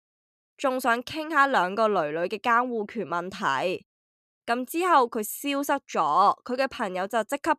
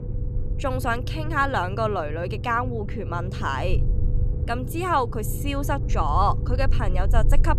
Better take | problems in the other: first | low rumble; noticeable; throughout; 15 dB below the speech

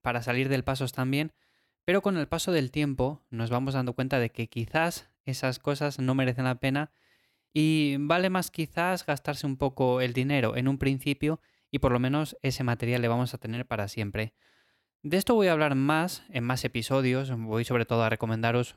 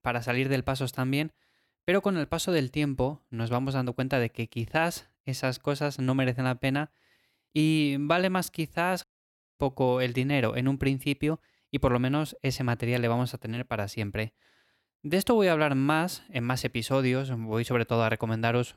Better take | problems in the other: first | audio cutting out; at 9 s for 0.5 s

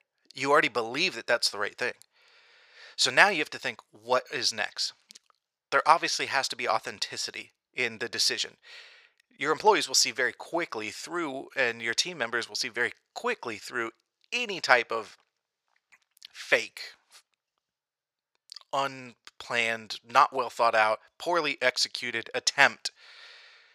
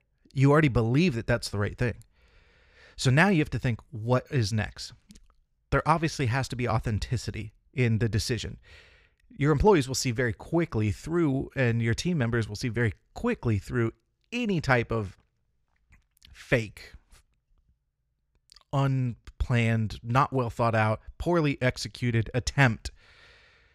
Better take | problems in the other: second | thin; very; fading below 700 Hz

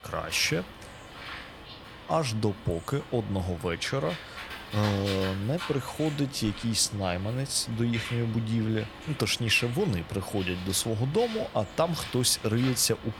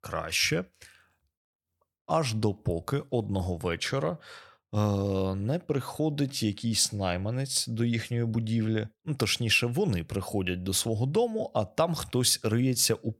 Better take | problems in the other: second | animal sounds; noticeable; throughout; 10 dB below the speech

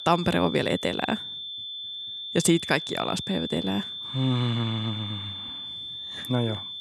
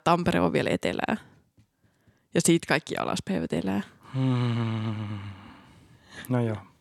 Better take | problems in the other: second | high-pitched whine; loud; throughout; 3.5 kHz, 6 dB below the speech

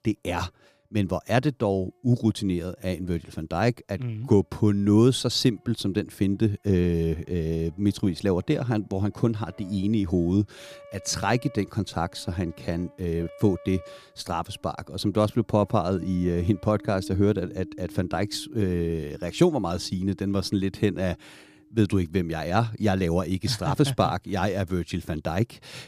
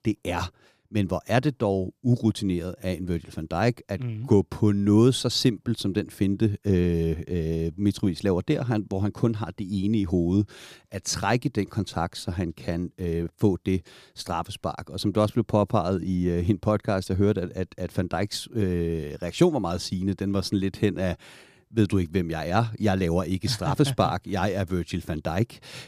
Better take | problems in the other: second | background music; faint; throughout; 20 dB below the speech

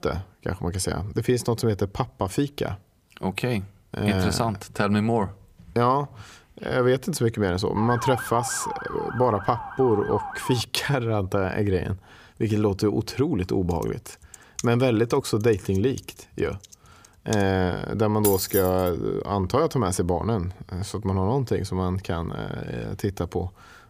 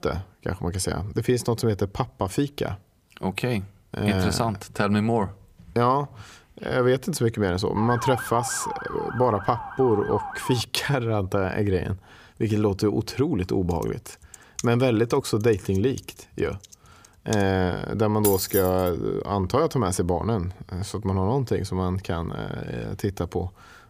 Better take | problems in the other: neither | siren; noticeable; from 8 to 11 s; peak 4 dB below the speech; the same in both // keyboard typing; faint; from 14 to 17 s; peak 10 dB below the speech; the same in both // jangling keys; noticeable; at 18 s; peak 1 dB below the speech; the same in both

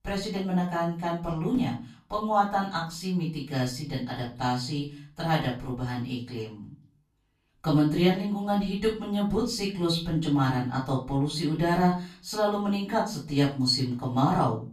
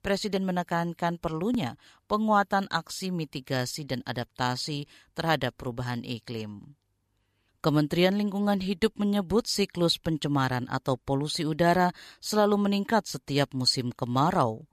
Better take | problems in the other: second | off-mic speech; far // room echo; slight; dies away in 0.3 s

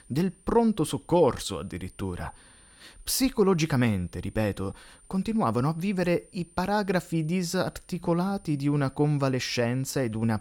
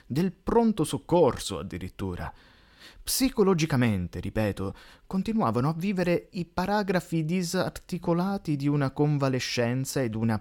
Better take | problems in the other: second | high-pitched whine; faint; throughout; 9 kHz, 30 dB below the speech

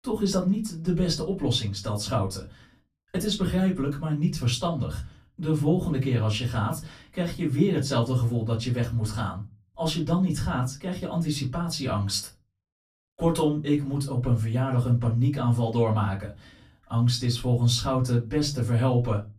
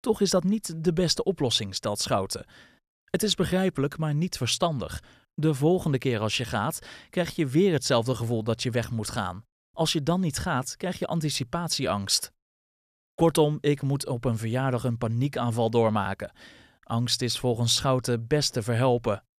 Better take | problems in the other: second | off-mic speech; far // room echo; very slight; dies away in 0.3 s

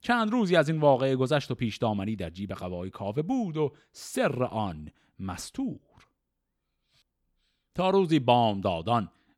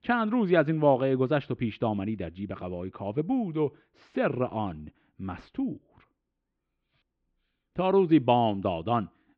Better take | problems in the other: first | muffled; very; fading above 3 kHz

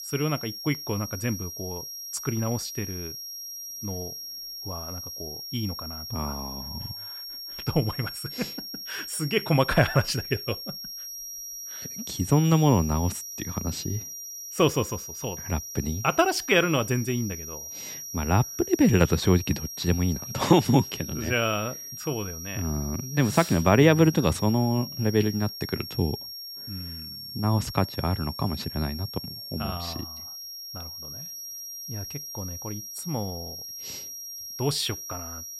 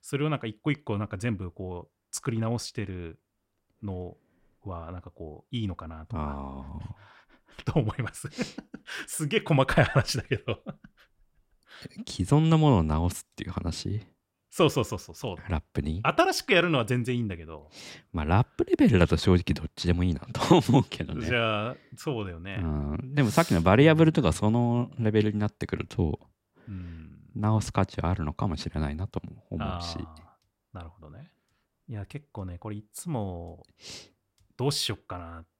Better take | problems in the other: second | high-pitched whine; loud; throughout; 5.5 kHz, 9 dB below the speech

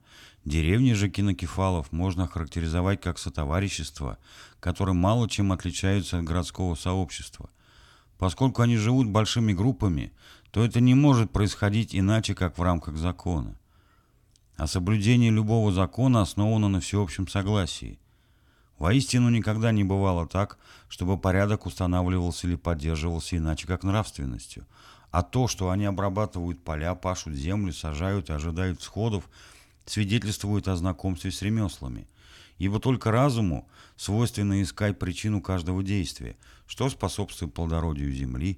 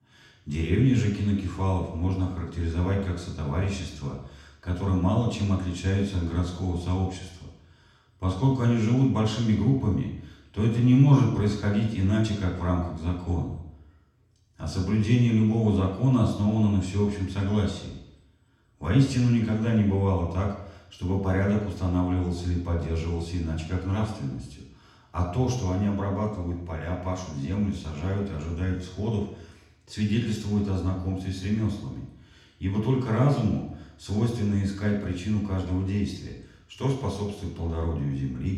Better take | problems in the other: first | room echo; noticeable; dies away in 0.8 s // off-mic speech; far

